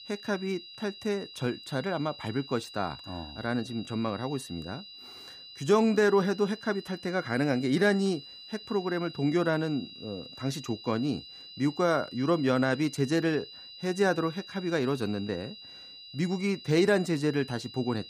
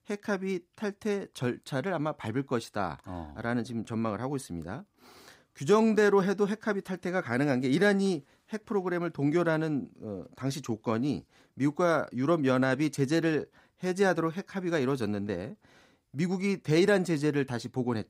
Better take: second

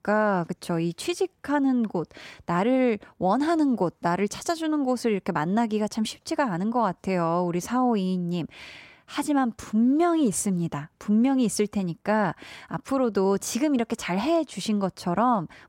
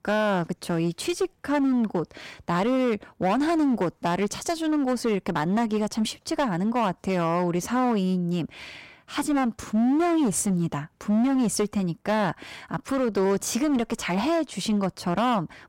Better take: first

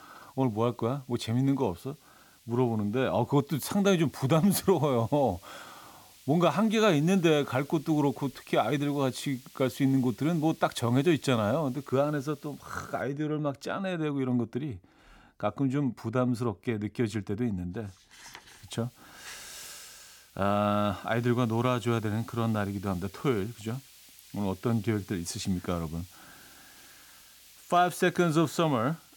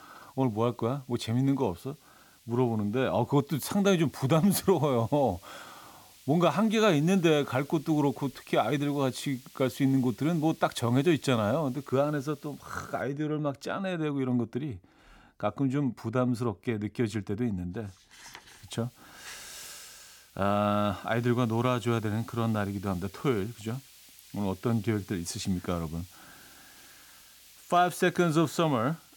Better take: neither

